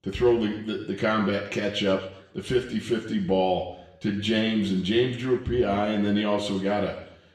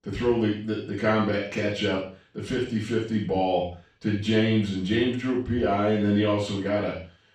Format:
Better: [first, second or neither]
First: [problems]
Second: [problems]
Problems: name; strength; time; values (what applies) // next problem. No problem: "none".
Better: first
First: room echo; slight; dies away in 0.8 s // off-mic speech; somewhat distant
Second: room echo; strong; dies away in 0.4 s // off-mic speech; far